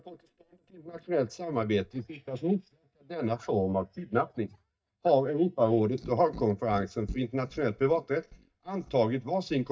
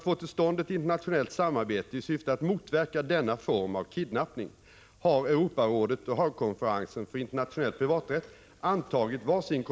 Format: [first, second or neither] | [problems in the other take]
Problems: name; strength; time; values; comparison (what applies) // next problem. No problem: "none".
second | noise reduction (neural mask model DeepFilterNet 3)